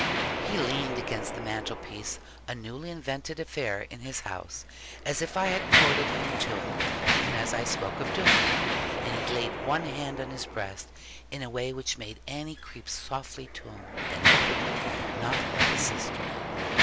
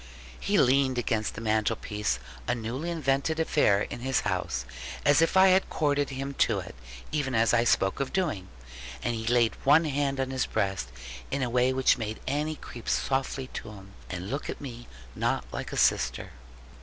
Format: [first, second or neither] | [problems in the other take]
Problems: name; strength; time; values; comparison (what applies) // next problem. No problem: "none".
second | background sound (Mechanisms); 5 dB above the speech